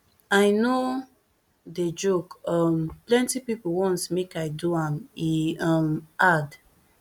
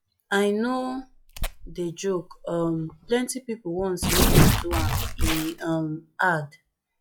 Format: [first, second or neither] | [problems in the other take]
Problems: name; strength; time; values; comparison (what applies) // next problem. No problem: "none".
first | noise reduction (classical method log-MMSE)